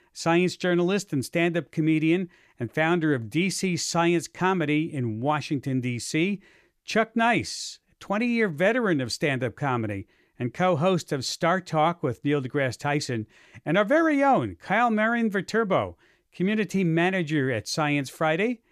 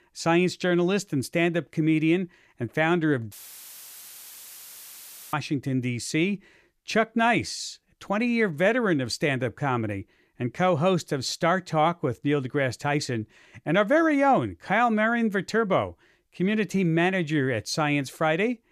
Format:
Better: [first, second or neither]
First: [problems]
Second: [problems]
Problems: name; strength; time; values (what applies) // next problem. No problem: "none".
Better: first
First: none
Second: audio cutting out; filled with static; at 3.5 s for 2 s